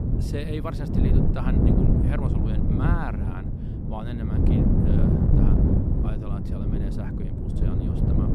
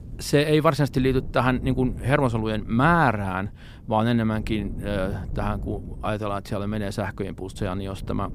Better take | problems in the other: second | wind noise on the microphone; heavy; 5 dB above the speech; occasional gusts in the second

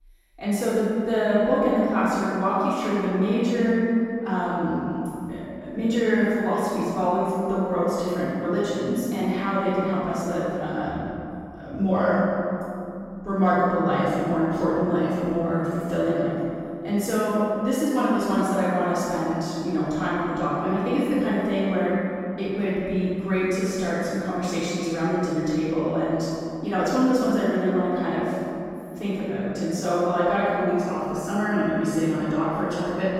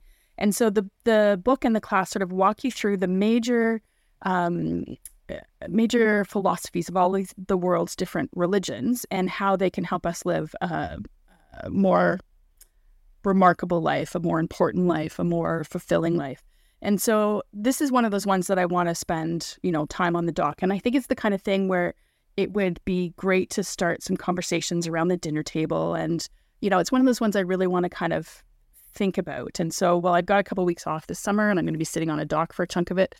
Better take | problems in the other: second | off-mic speech; far // room echo; strong; dies away in 2.6 s

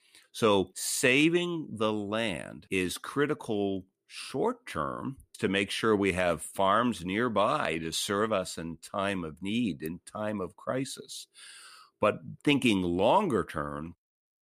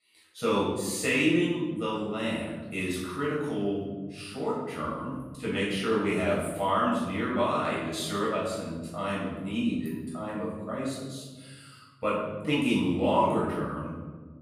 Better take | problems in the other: first | off-mic speech; far // room echo; noticeable; dies away in 1.5 s

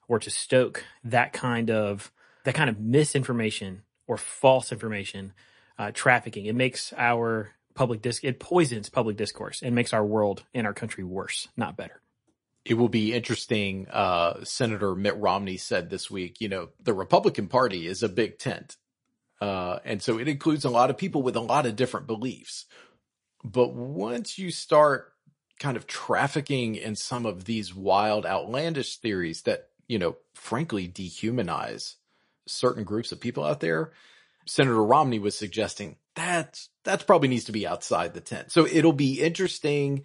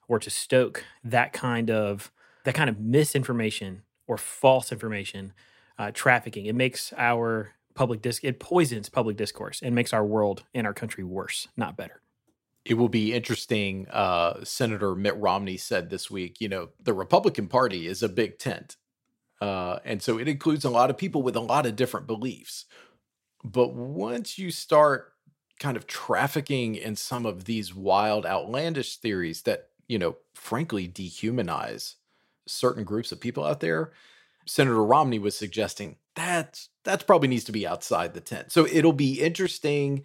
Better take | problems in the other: second | garbled, watery; slightly; nothing above 10.5 kHz

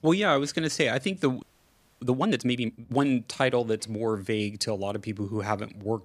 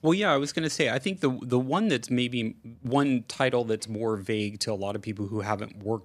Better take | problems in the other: second | audio freezing; at 1.5 s for 0.5 s

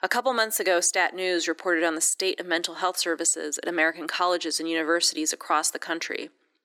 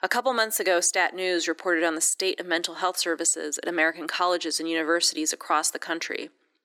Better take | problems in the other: neither | thin; very; fading below 300 Hz; the same in both

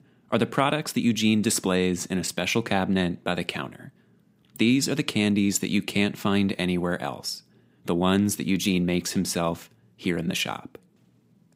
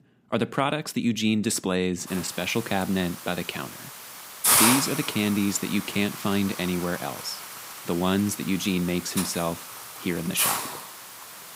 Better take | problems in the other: first | hiss; loud; from 2 s on; 1 dB below the speech

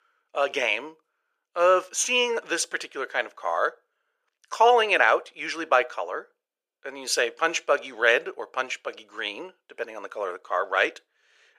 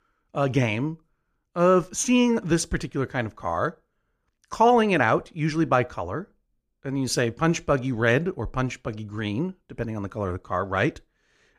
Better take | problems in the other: second | thin; very; fading below 500 Hz

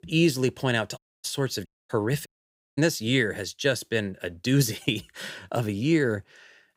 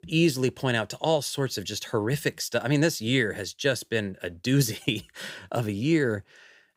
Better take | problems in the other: second | audio cutting out; at 1 s, at 1.5 s and at 2.5 s for 0.5 s

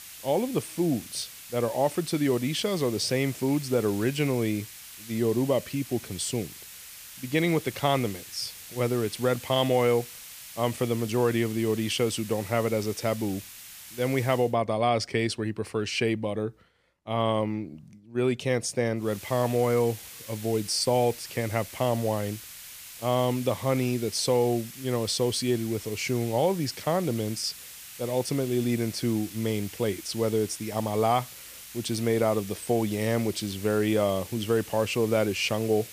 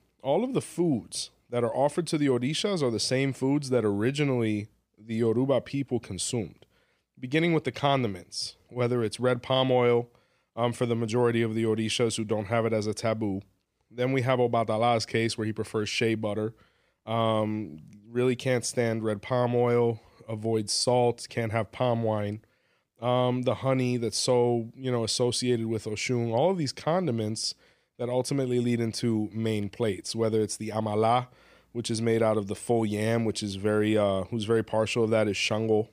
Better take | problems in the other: second | hiss; noticeable; until 14 s and from 19 s on; 15 dB below the speech

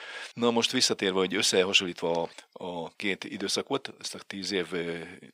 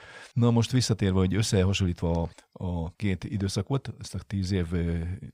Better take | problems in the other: second | thin; somewhat; fading below 300 Hz

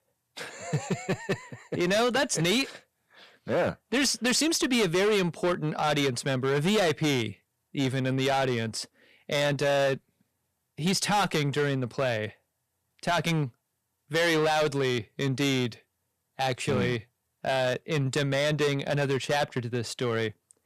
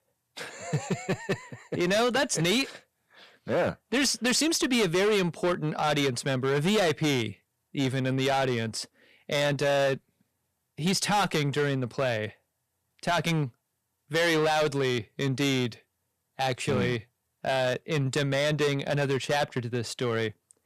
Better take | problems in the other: neither | distortion; heavy; 10% of the sound clipped; the same in both

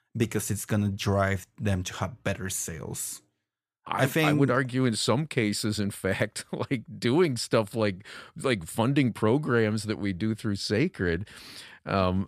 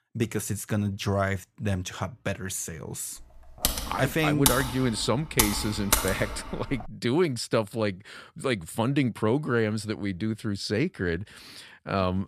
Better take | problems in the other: first | keyboard typing; loud; from 3.5 to 7 s; peak 4 dB above the speech

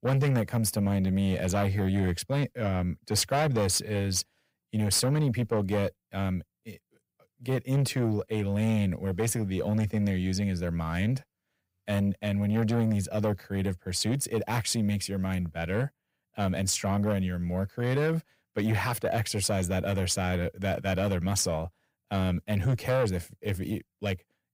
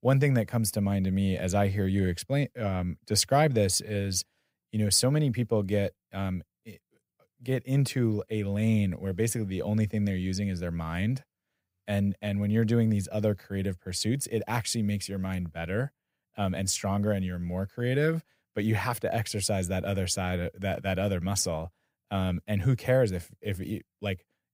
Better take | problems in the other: second | distortion; slight; 10 dB below the speech

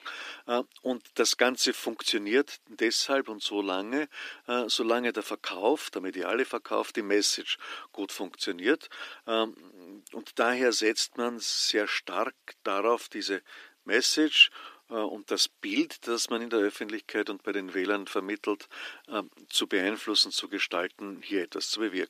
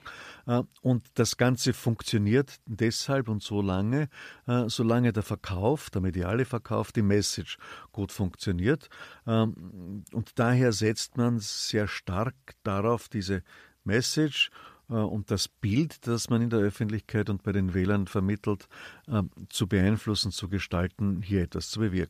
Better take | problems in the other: second | thin; somewhat; fading below 300 Hz

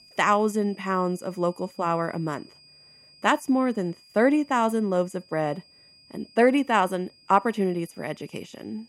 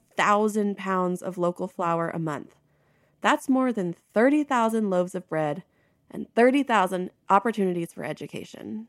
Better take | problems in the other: second | high-pitched whine; faint; throughout; 5 kHz, 25 dB below the speech

